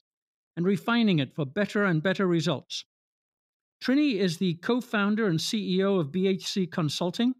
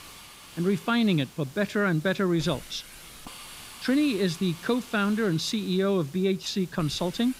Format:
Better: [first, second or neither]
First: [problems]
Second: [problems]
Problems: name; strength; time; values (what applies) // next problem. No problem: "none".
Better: first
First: none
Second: hiss; noticeable; throughout; 20 dB below the speech